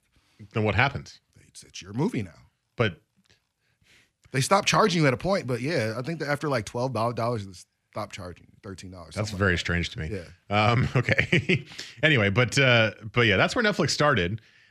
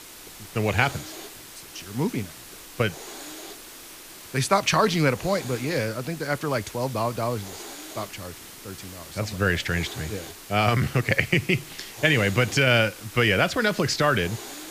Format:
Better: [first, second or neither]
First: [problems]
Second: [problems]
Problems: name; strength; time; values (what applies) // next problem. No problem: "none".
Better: first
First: none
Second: hiss; noticeable; throughout; 15 dB below the speech